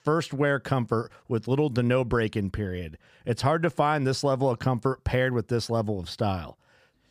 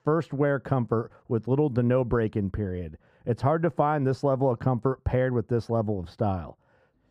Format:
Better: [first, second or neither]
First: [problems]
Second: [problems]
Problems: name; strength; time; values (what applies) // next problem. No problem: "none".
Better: first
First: none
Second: muffled; very; fading above 2 kHz